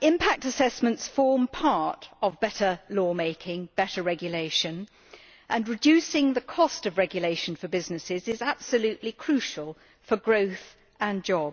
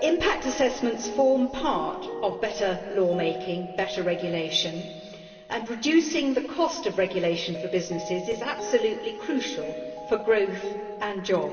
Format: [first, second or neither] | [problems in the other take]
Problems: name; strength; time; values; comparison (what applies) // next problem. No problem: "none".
first | background sound (Mallet percussion); 11 dB below the speech // room echo; dies away in 2.7 s